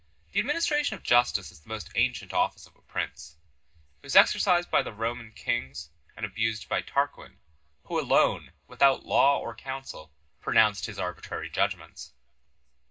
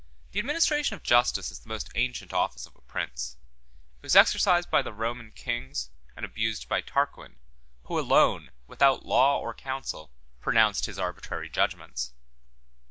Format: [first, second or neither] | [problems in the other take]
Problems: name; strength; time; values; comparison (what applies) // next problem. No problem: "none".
second | room echo; dies away in 0.2 s